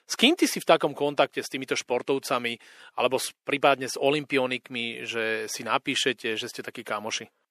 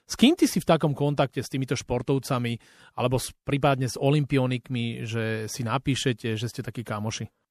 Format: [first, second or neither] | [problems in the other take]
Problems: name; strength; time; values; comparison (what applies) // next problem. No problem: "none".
second | thin; somewhat; fading below 400 Hz